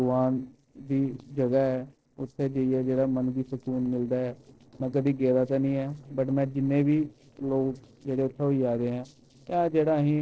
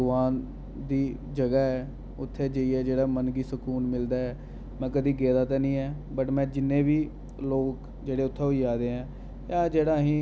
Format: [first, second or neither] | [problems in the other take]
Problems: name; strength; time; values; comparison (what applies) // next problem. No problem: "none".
second | noise reduction (neural separator model SepFormer DNS4)